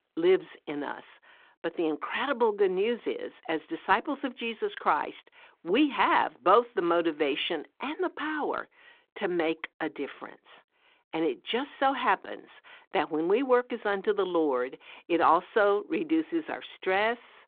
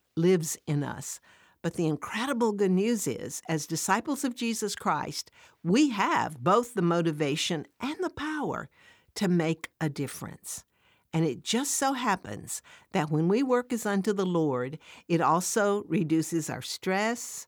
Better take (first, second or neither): second